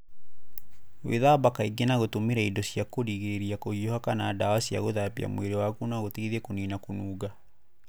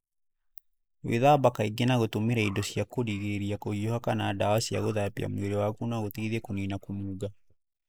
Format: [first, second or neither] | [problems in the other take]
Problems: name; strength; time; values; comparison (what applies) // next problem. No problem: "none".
first | noise reduction (neural mask model Resemble Enhance denoiser)